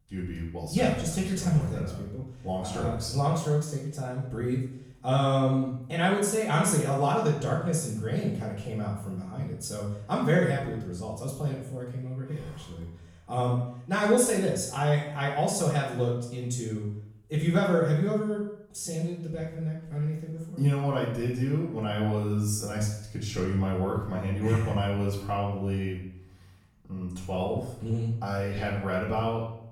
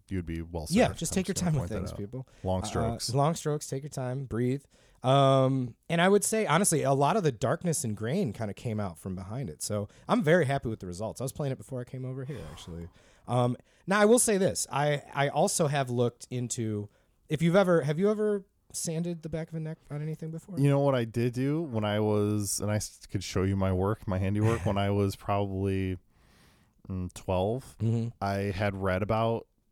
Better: second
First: off-mic speech; far // room echo; noticeable; dies away in 0.6 s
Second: none

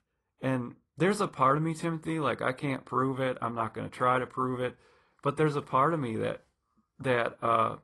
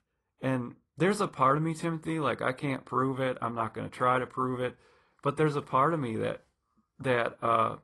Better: neither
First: garbled, watery; slightly; nothing above 11 kHz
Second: garbled, watery; slightly; nothing above 11 kHz

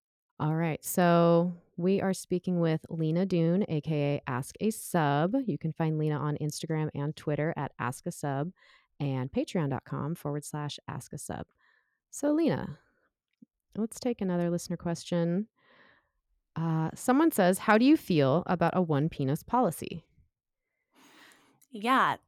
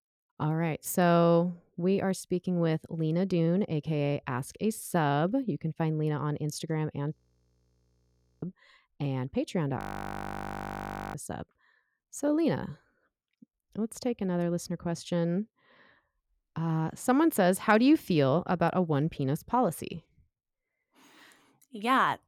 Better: first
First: none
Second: audio freezing; at 7 s for 1.5 s and at 10 s for 1.5 s

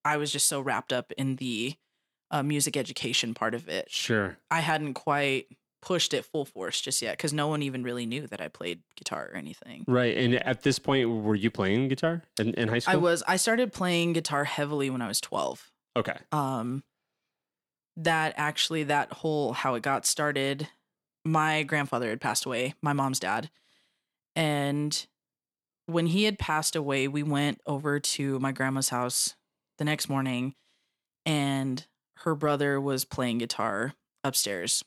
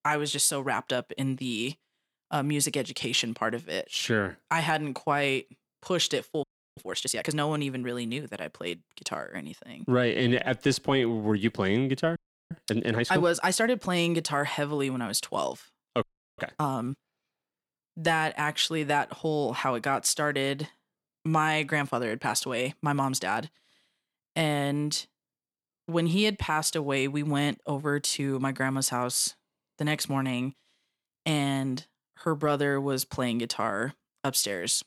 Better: first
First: none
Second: audio freezing; at 6.5 s, at 12 s and at 16 s

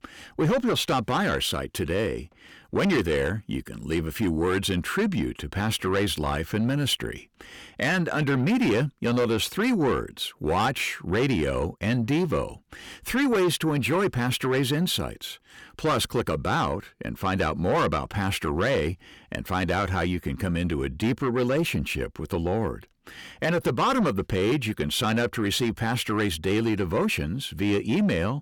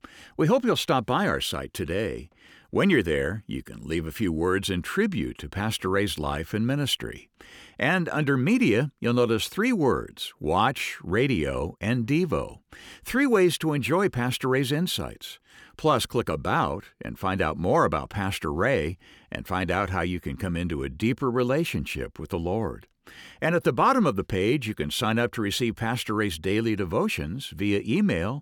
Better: second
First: distortion; slight; 10 dB below the speech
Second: none

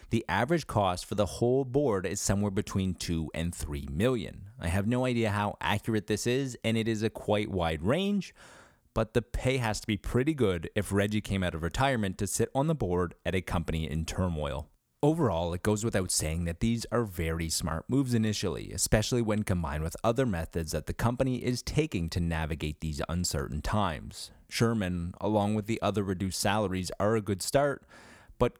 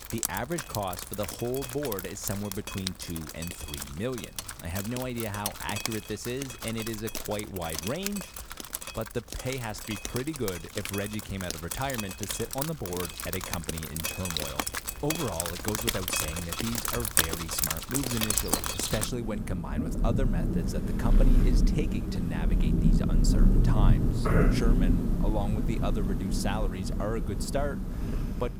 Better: first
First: none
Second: rain or running water; very loud; throughout; 4 dB above the speech

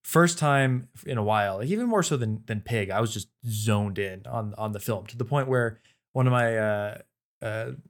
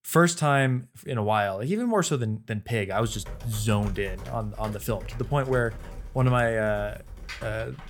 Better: first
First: none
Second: keyboard typing; faint; from 3 s on; peak 10 dB below the speech

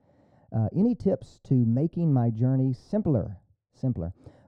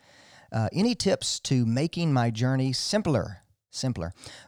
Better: second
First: muffled; very; fading above 1 kHz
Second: none

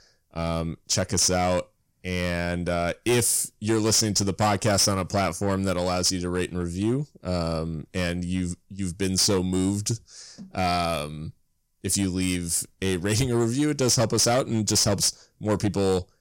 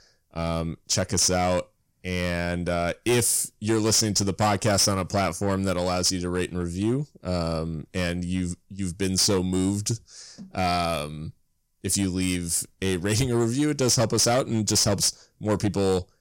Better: neither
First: distortion; slight; 6% of the sound clipped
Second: distortion; slight; 6% of the sound clipped

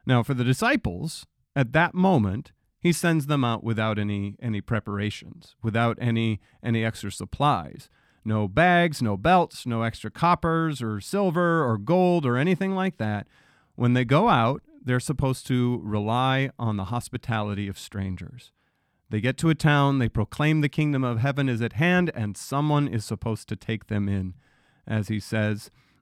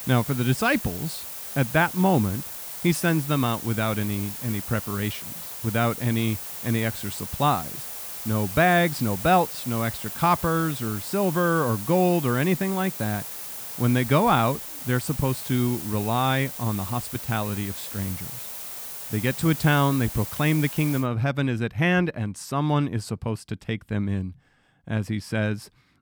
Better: first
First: none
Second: hiss; loud; until 21 s; 8 dB below the speech

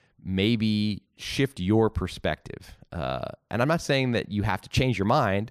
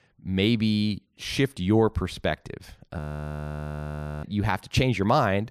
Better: first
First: none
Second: audio freezing; at 3 s for 1 s

